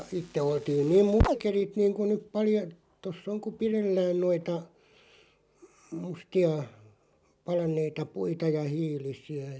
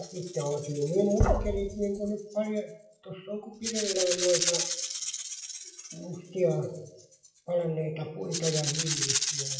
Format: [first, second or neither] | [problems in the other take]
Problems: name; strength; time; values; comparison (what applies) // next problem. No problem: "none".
first | noise reduction (classical method WPE with log-MMSE)